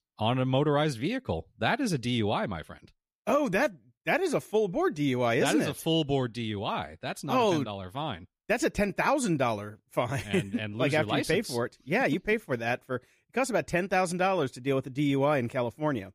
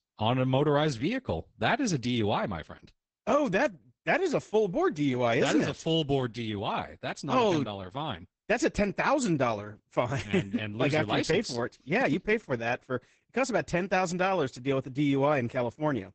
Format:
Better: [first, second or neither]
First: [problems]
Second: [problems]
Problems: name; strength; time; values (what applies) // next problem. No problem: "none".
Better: first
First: none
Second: garbled, watery; badly; nothing above 8 kHz